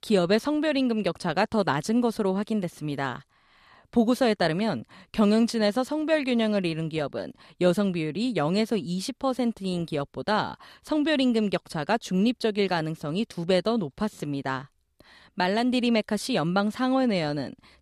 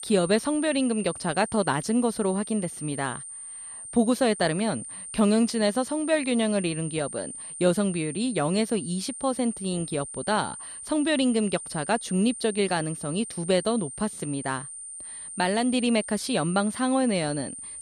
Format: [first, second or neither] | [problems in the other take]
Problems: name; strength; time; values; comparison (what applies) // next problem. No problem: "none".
first | high-pitched whine; loud; throughout; 9 kHz, 10 dB below the speech